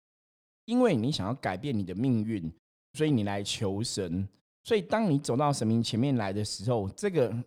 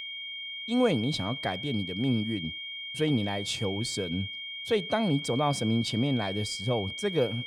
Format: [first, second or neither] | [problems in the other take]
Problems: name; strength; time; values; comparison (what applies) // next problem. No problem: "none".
first | high-pitched whine; loud; throughout; 3 kHz, 6 dB below the speech